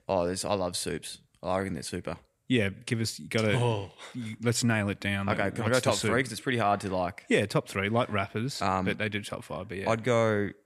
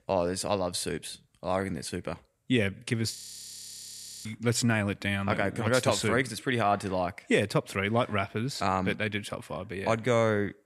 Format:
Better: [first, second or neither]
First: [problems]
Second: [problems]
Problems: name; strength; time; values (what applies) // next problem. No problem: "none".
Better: first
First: none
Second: audio freezing; at 3 s for 1 s